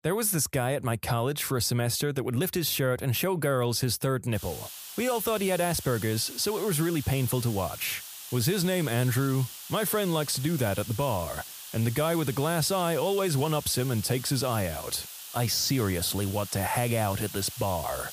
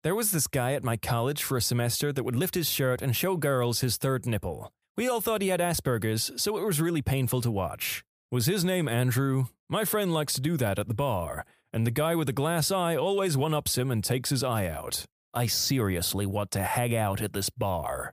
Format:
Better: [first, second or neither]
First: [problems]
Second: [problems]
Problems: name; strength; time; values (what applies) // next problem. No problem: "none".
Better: second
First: hiss; noticeable; from 4.5 s on; 10 dB below the speech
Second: none